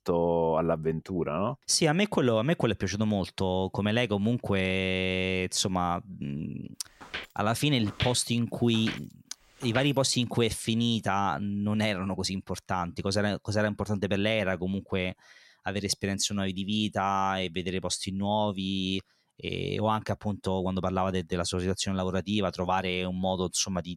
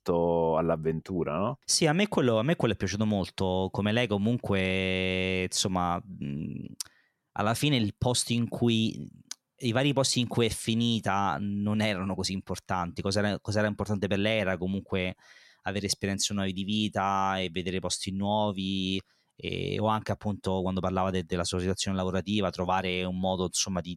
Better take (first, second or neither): second